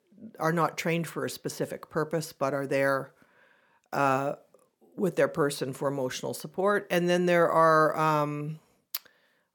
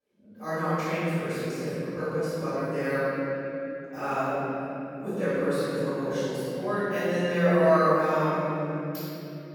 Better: first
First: none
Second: off-mic speech; far // room echo; strong; dies away in 3 s

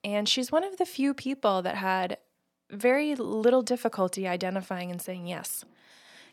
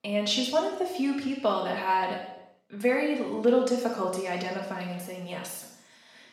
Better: first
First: none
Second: room echo; noticeable; dies away in 0.9 s // off-mic speech; far

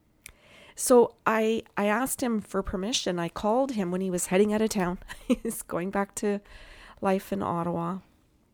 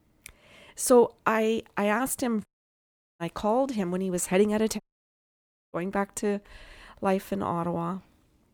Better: first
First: none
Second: audio cutting out; at 2.5 s for 0.5 s and at 5 s for 1 s

